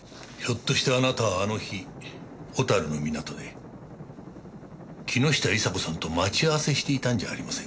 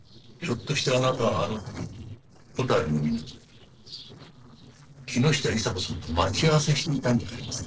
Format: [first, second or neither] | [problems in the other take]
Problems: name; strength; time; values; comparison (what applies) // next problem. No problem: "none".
first | noise reduction (neural separator model SepFormer DNS4)